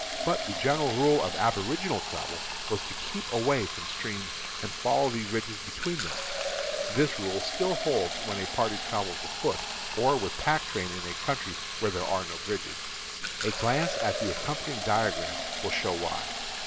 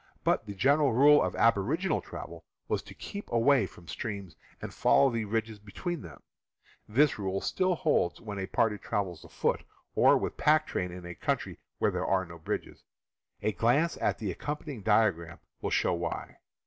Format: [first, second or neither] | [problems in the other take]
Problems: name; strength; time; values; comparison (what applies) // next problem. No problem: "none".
second | background sound (Fill (with liquid)); 4 dB below the speech